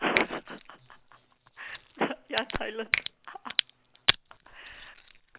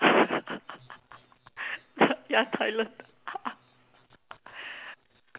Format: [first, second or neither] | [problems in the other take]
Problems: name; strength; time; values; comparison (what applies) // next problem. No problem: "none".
second | background sound (Finger snapping + Crack); 2 dB above the speech